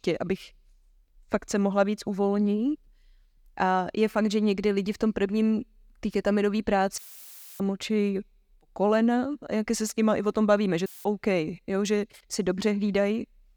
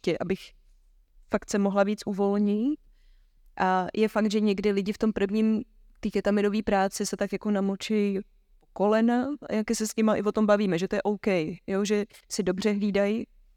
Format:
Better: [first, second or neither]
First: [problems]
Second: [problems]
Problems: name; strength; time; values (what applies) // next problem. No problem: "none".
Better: second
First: audio cutting out; filled with static; at 7 s for 0.5 s and at 11 s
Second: none